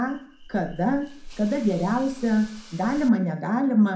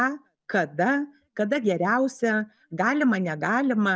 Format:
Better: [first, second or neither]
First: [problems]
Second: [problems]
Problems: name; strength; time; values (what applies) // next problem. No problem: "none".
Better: second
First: background sound (Hiss / Insect); 18 dB below the speech // room echo; dies away in 0.4 s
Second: none